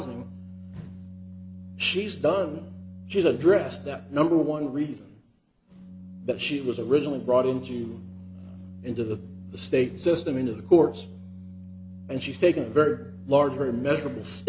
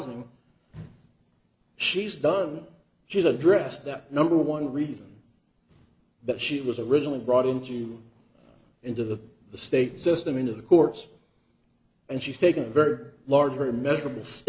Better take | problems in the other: second | background sound (Organ); 15 dB below the speech

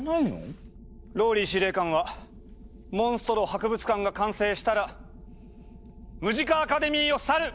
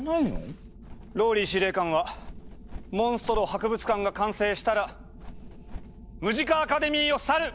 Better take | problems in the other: first | background sound (Bird); 15 dB below the speech

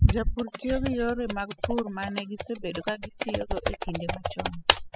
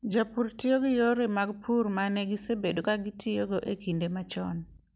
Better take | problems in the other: second | noise reduction (classical method spectral subtraction)

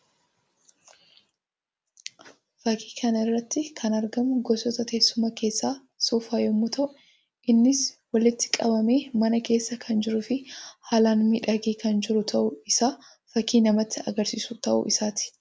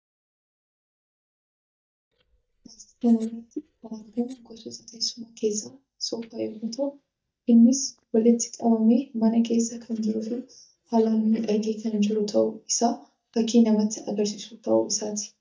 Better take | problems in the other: first | noise reduction (neural mask model DeepFilterNet 3)

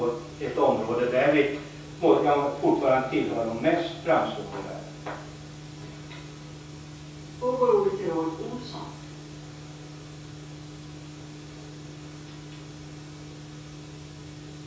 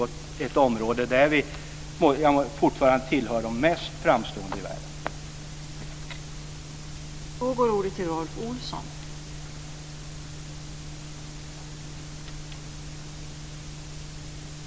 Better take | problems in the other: second | room echo; dies away in 0.6 s

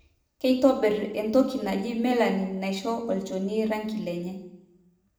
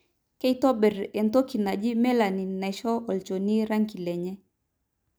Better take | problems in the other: second | room echo; dies away in 0.7 s

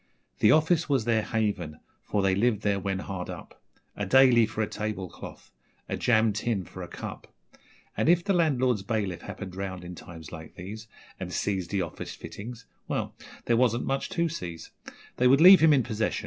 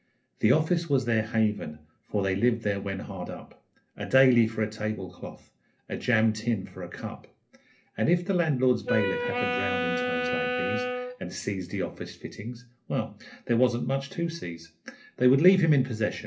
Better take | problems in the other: first | background sound (Wind instrument, woodwind instrument); 3 dB below the speech // room echo; dies away in 0.3 s

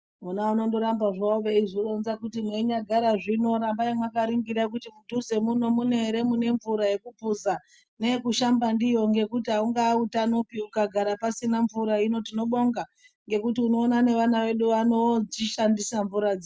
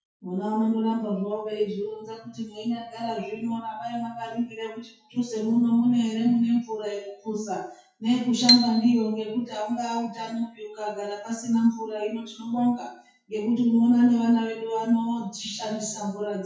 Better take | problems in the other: first | noise reduction (classical method WPE with log-MMSE)

